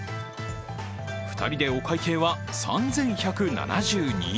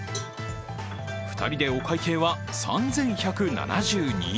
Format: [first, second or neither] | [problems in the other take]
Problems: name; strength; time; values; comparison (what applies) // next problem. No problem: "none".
first | background sound (Cowbell + Piano); 19 dB below the speech